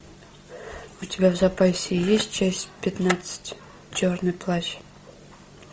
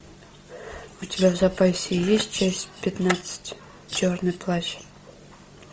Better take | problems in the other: first | background sound (Bird vocalization, bird call, bird song); 15 dB below the speech

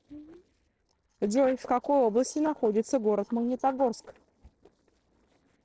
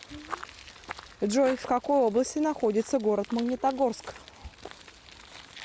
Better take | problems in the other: second | noise reduction (neural separator model SepFormer DNS4)

